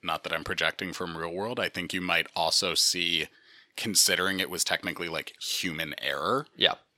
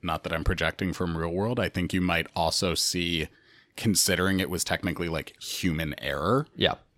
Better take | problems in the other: second | thin; somewhat; fading below 550 Hz

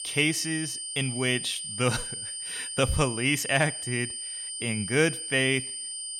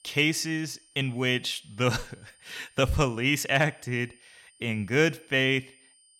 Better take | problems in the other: second | high-pitched whine; loud; throughout; 9 kHz, 6 dB below the speech; faint in the second

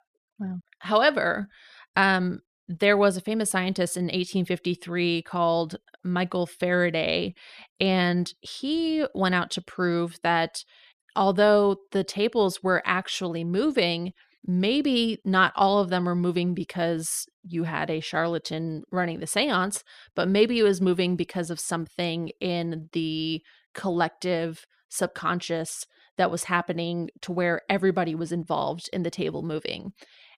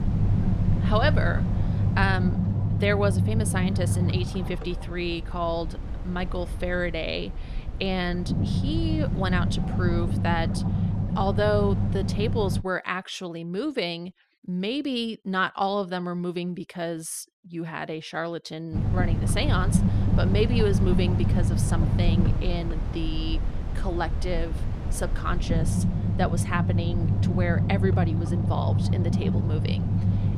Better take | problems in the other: first | low rumble; loud; until 13 s and from 19 s on; 7 dB below the speech

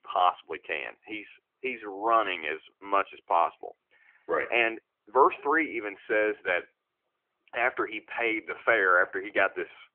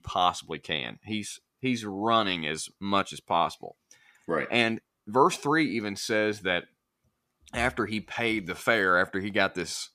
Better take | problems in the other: second | phone-call audio

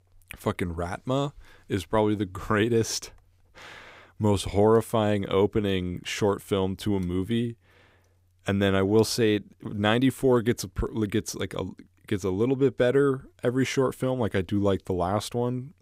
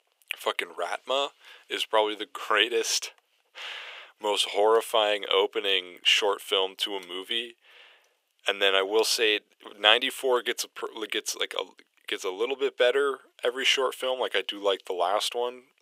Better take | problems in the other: first | thin; very; fading below 450 Hz

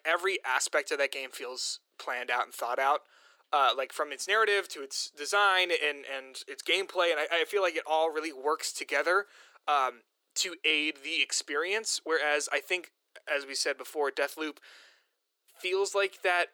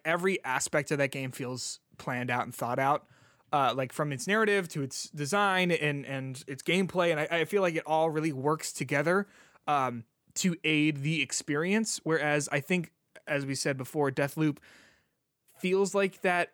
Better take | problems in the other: second | thin; very; fading below 350 Hz

